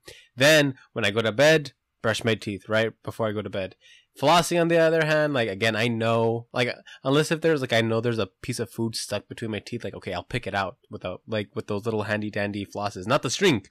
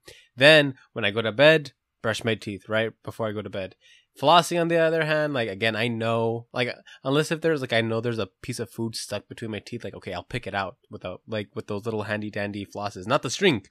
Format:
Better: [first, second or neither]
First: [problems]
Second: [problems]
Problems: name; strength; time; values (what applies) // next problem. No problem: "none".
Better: second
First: distortion; slight; 2% of the sound clipped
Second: none